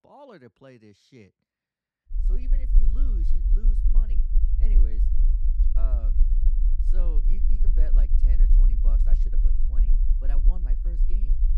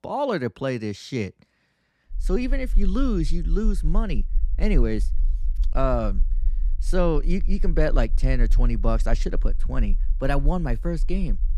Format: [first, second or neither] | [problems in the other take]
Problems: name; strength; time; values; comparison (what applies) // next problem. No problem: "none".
second | low rumble; loud; from 2 s on; as loud as the speech; faint in the second